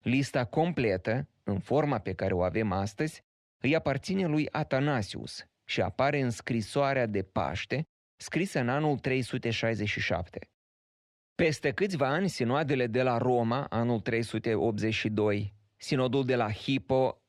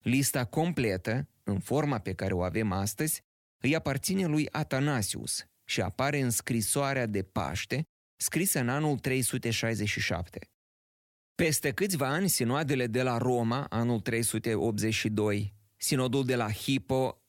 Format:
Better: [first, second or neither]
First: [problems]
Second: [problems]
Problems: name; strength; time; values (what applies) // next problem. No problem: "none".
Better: second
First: muffled; slightly; fading above 3.5 kHz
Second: none